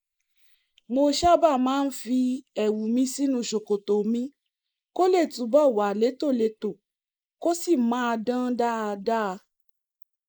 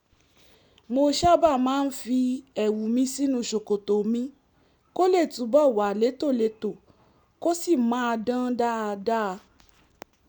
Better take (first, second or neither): second